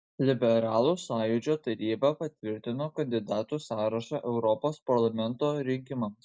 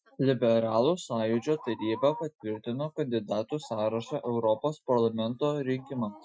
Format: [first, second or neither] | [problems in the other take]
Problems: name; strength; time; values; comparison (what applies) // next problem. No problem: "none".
first | noise reduction (classical method Wiener filter)